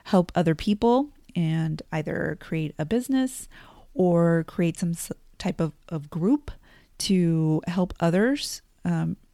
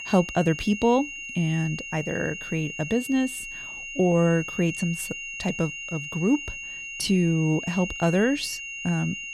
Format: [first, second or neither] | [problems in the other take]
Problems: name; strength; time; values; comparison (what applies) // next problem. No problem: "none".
first | high-pitched whine; loud; throughout; 3 kHz, 8 dB below the speech